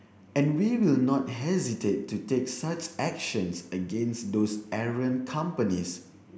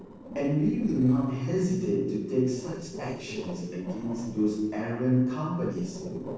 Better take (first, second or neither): first